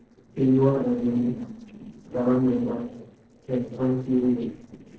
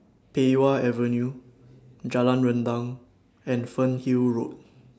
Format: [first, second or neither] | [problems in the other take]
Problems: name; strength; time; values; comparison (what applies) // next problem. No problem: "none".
second | noise reduction (neural separator model SepFormer DNS4)